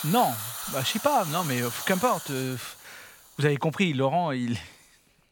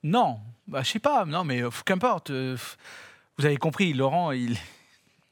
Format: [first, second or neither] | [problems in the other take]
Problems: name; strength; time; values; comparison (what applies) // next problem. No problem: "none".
second | hiss; loud; throughout; 7 dB below the speech